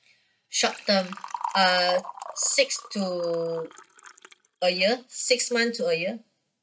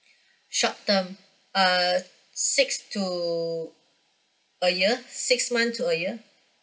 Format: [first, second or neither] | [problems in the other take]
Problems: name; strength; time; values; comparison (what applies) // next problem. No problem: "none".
second | noise reduction (neural mask model RNNoise)